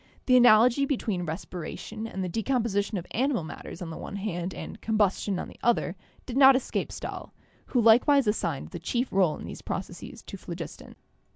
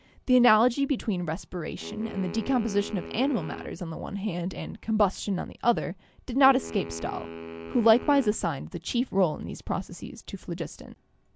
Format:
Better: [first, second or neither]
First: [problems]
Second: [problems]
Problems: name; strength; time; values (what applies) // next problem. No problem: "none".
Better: first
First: none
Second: background sound (Wind instrument, woodwind instrument); 14 dB below the speech